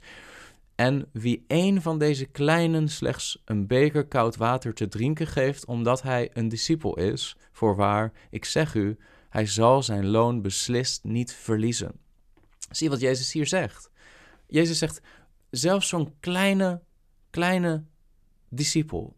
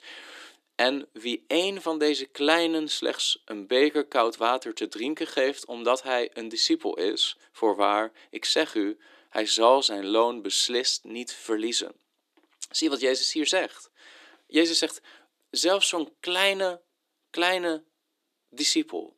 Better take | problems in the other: first | thin; somewhat; fading below 300 Hz

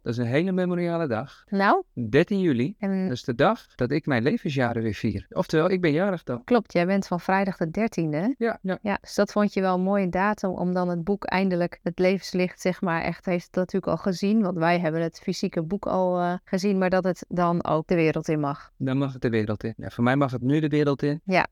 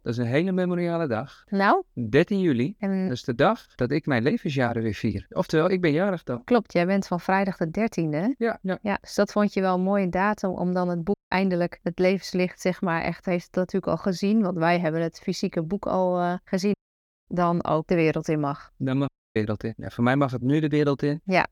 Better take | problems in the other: first | audio cutting out; at 11 s, at 17 s for 0.5 s and at 19 s

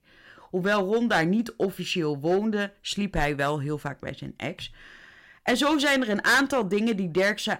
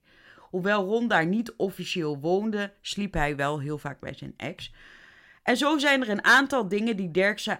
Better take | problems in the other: second | distortion; slight; 4% of the sound clipped

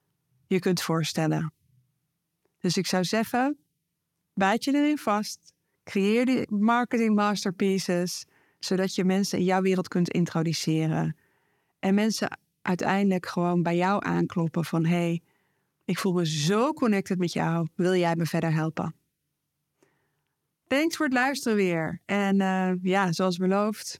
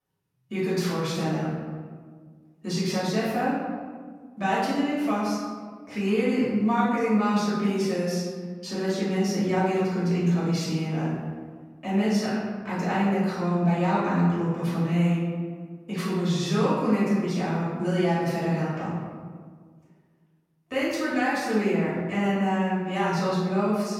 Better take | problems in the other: first | room echo; strong; dies away in 1.5 s // off-mic speech; far

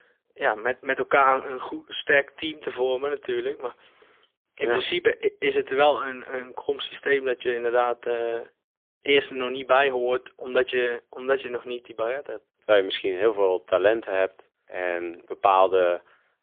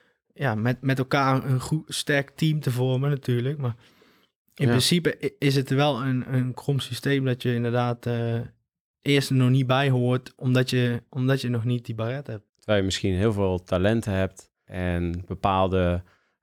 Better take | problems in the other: second | phone-call audio; poor line; nothing above 3.5 kHz

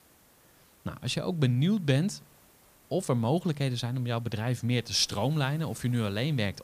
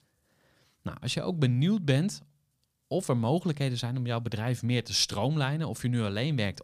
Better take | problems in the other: second | hiss; faint; throughout; 30 dB below the speech

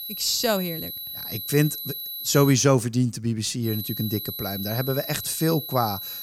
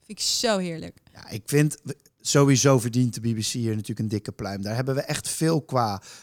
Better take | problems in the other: second | high-pitched whine; loud; until 2.5 s and from 3.5 s on; 12 kHz, 7 dB below the speech

